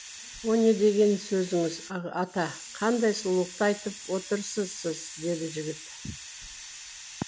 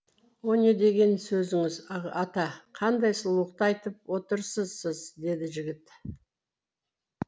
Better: second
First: background sound (Hiss); 14 dB below the speech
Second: none

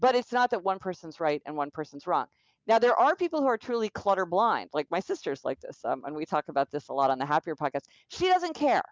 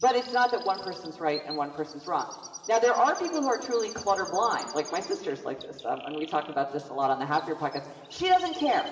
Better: first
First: none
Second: background sound (Chirp, tweet); 16 dB below the speech // room echo; dies away in 2.7 s

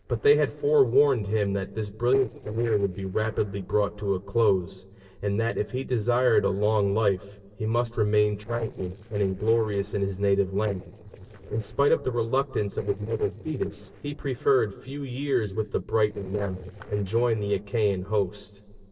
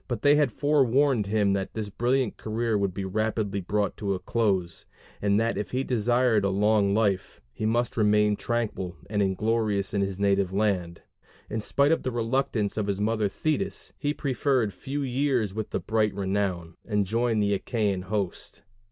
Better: second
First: noise reduction (neural separator model SepFormer DNS4)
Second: none

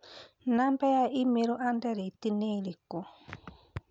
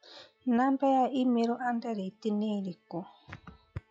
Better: first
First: none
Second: noise reduction (classical method log-MMSE)

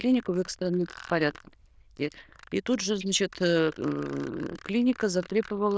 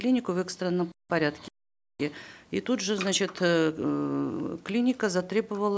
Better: second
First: noise reduction (neural diffusion model UNIVERSE++)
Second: none

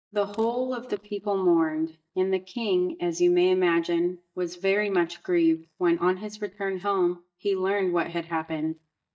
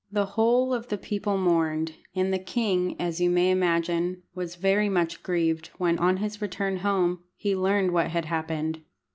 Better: second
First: noise reduction (neural mask model DeepFilterNet 3)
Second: none

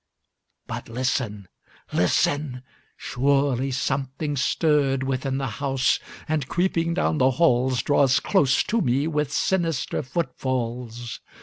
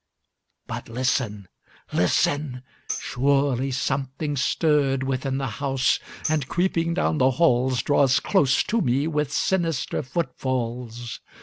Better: first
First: none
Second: background sound (Tambourine); 15 dB below the speech

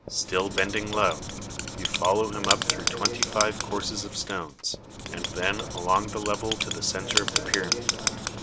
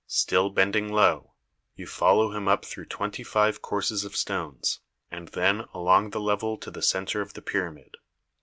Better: second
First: background sound (Writing); 1 dB below the speech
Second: none

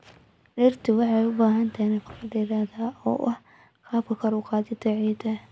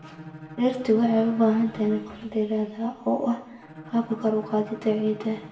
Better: first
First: none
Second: background sound (Bowed string instrument); 18 dB below the speech // room echo; dies away in 0.7 s

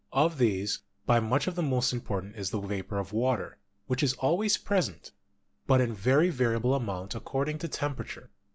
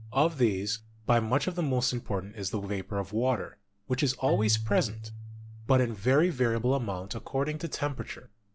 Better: first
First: none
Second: background sound (Keyboard (musical)); 13 dB below the speech

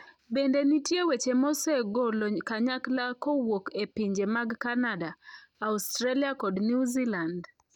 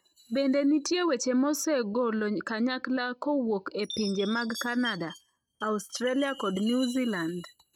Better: first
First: none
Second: noise reduction (neural mask model RNNoise)

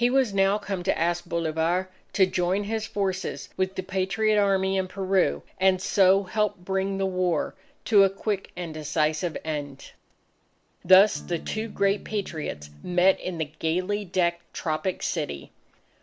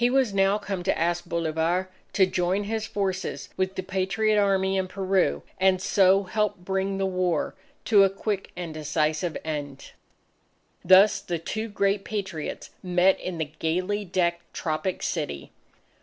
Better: second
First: background sound (Electric guitar / Strum); 17 dB below the speech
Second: none

